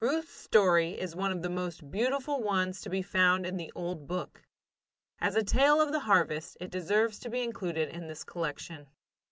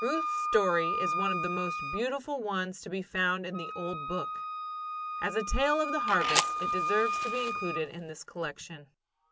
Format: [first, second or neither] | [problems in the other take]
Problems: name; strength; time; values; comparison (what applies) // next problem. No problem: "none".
first | background sound (Wind instrument, woodwind instrument + Fire); 1 dB below the speech